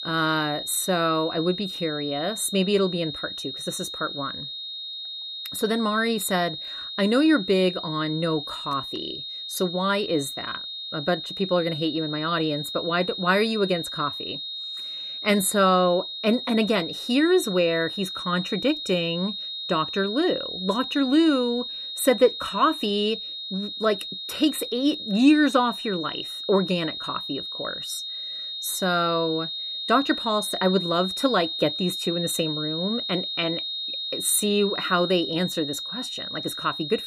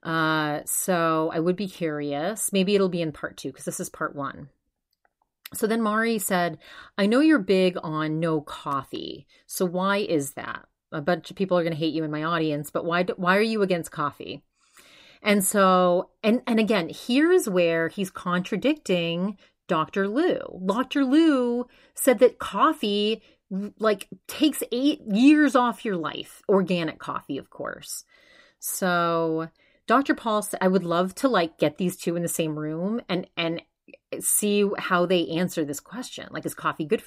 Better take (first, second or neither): second